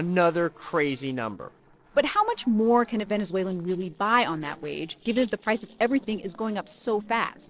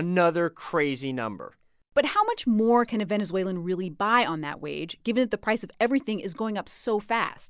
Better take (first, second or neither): second